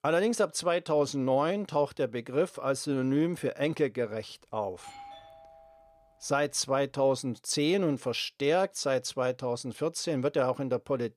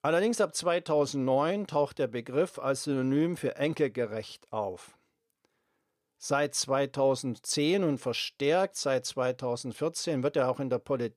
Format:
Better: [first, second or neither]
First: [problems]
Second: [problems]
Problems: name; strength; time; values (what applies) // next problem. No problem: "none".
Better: second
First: doorbell; faint; from 5 to 6 s; peak 15 dB below the speech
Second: none